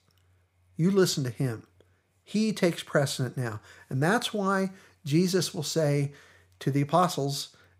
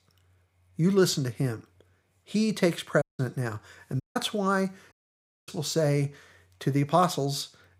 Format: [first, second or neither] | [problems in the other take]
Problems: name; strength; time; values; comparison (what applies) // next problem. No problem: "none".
first | audio cutting out; at 3 s, at 4 s and at 5 s for 0.5 s